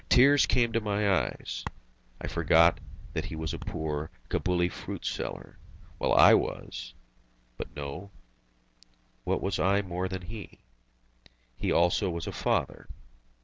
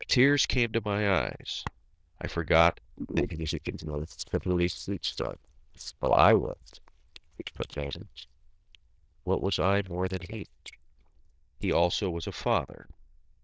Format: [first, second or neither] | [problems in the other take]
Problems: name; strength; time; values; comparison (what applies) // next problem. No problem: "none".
first | noise reduction (neural diffusion model UNIVERSE++)